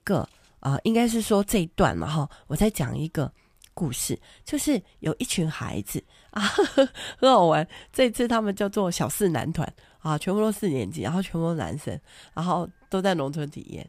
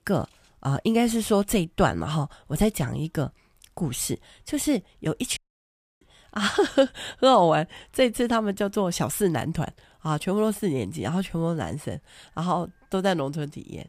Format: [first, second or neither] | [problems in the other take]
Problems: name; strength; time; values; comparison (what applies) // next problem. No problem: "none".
first | audio cutting out; at 5.5 s for 0.5 s